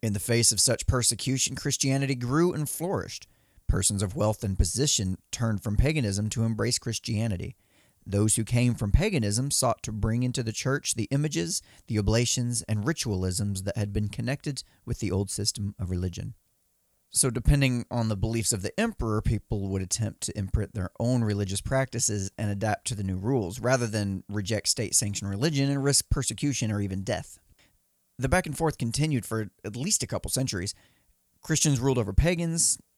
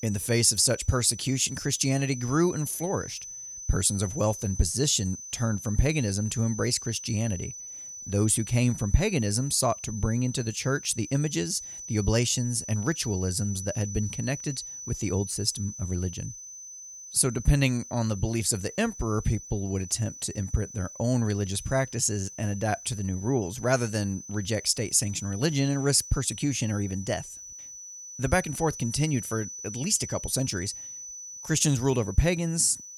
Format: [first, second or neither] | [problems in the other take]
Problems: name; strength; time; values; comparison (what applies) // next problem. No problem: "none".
first | high-pitched whine; noticeable; throughout; 6 kHz, 10 dB below the speech